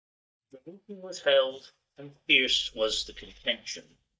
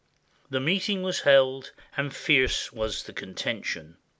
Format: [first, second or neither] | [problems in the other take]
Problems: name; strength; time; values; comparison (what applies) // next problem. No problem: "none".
second | noise reduction (neural mask model DeepFilterNet 3)